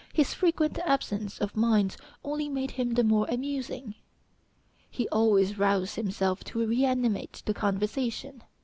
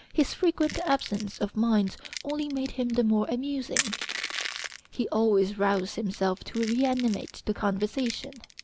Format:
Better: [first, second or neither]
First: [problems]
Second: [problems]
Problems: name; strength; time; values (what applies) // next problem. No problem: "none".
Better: first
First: none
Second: background sound (Crushing); 12 dB below the speech